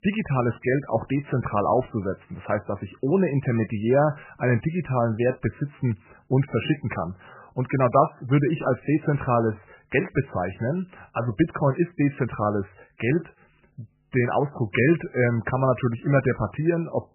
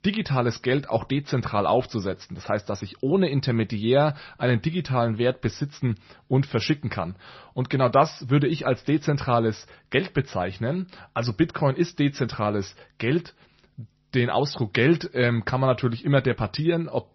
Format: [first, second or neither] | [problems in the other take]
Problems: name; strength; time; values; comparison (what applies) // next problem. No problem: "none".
second | garbled, watery; badly; nothing above 3 kHz; slightly in the second